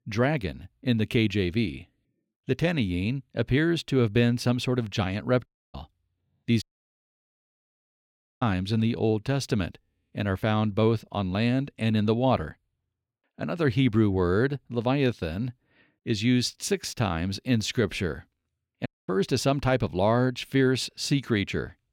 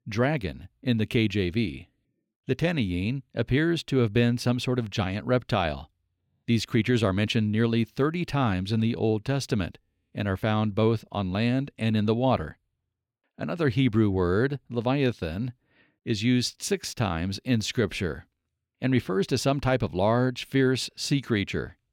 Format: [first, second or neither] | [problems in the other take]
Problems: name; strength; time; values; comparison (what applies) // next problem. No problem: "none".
second | audio cutting out; at 5.5 s, at 6.5 s for 2 s and at 19 s